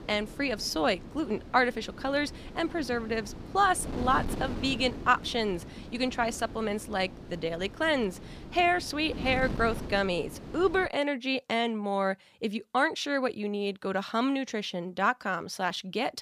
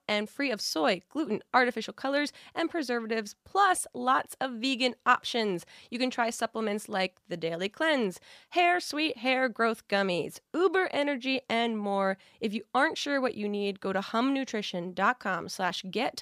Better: second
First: wind noise on the microphone; occasional gusts; until 11 s; 15 dB below the speech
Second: none

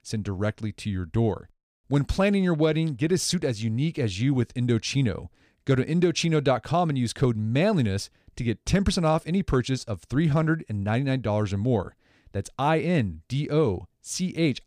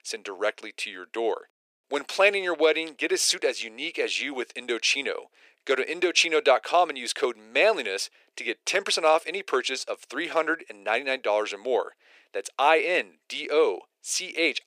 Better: first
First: none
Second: thin; very; fading below 400 Hz

